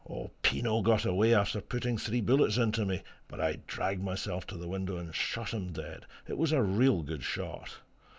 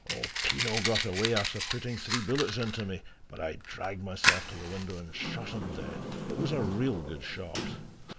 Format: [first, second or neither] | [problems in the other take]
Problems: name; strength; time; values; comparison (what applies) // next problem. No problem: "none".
first | background sound (Sliding door + Fire); as loud as the speech